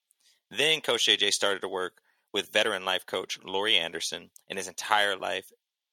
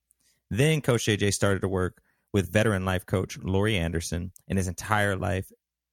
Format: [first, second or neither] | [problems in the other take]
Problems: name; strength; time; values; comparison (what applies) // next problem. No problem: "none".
second | thin; very; fading below 500 Hz